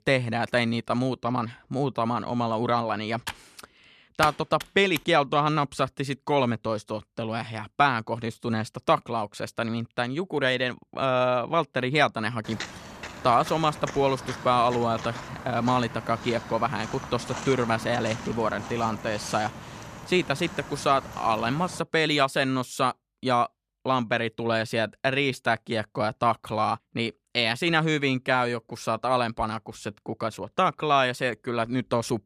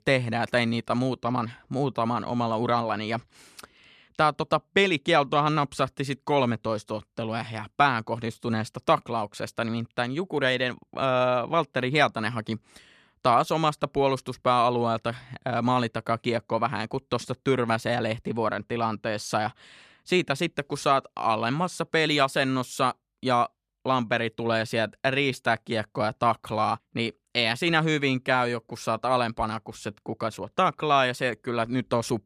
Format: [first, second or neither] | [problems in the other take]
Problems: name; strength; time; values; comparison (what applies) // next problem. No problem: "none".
second | keyboard typing; noticeable; from 3.5 to 5 s; peak 5 dB below the speech // footsteps; noticeable; from 12 to 22 s; peak 9 dB below the speech